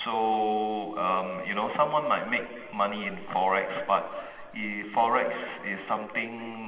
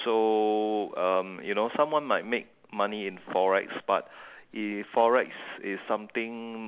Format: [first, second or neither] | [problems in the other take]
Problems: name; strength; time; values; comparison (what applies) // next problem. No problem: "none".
second | room echo; dies away in 2 s